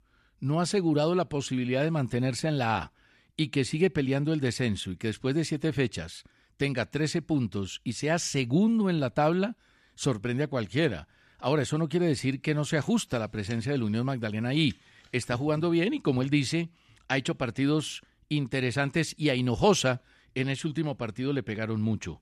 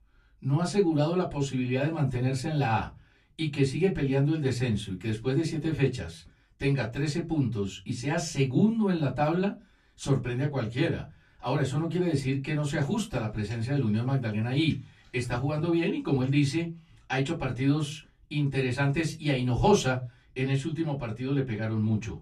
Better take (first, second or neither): first